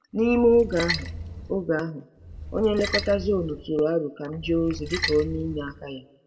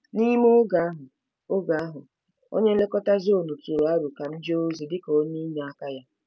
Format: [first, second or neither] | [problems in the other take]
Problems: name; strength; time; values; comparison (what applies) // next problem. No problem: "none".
second | background sound (Splash, splatter); 9 dB below the speech // room echo; dies away in 0.8 s